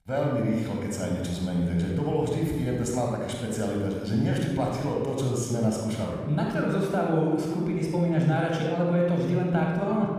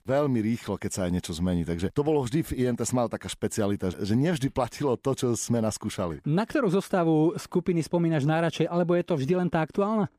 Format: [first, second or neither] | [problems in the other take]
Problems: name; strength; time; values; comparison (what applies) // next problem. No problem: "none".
second | room echo; noticeable; dies away in 1.5 s // off-mic speech; somewhat distant